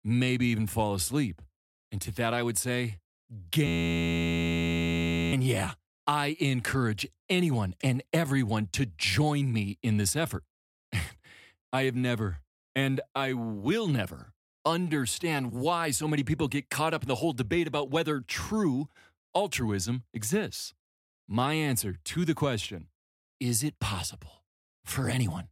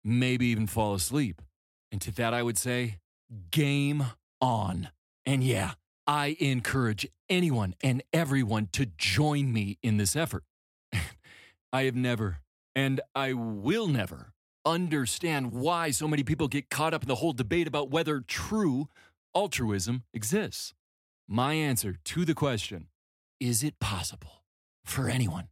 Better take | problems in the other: second | audio freezing; at 3.5 s for 1.5 s

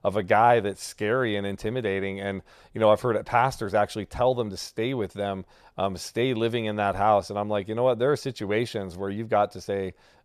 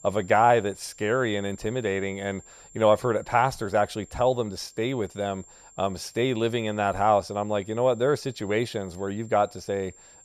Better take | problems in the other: first | high-pitched whine; faint; throughout; 7.5 kHz, 25 dB below the speech

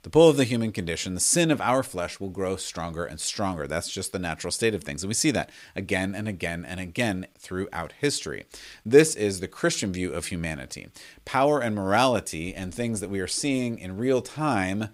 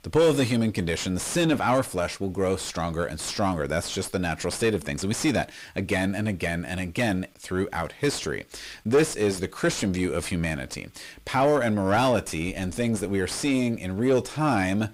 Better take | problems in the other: first | distortion; heavy; 7 dB below the speech

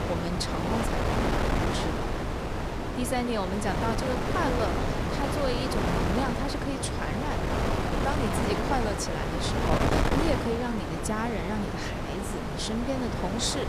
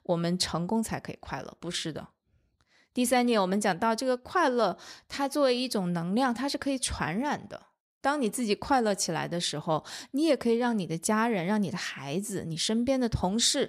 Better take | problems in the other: second | wind noise on the microphone; heavy; 2 dB above the speech

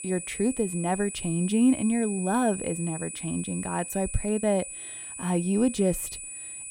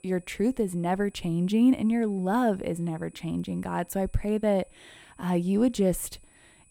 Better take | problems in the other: second | high-pitched whine; loud; throughout; 9.5 kHz, 8 dB below the speech; faint in the second

